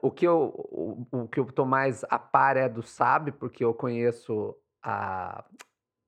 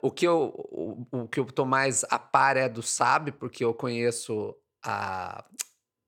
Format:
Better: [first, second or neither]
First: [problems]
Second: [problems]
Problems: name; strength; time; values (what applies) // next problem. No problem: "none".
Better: second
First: muffled; very; fading above 3 kHz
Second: none